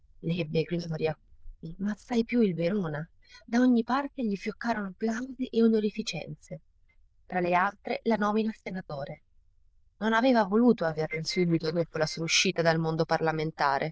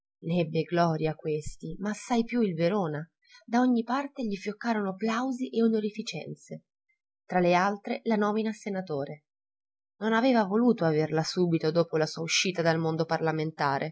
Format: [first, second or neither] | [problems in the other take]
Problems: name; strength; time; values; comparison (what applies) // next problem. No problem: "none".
second | noise reduction (neural diffusion model UNIVERSE++)